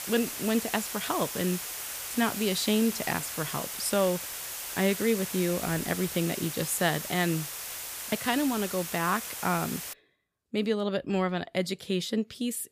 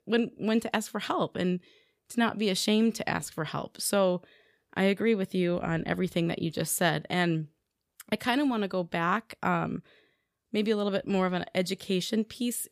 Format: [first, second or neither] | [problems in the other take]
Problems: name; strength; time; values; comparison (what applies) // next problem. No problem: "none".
second | hiss; loud; until 10 s; 5 dB below the speech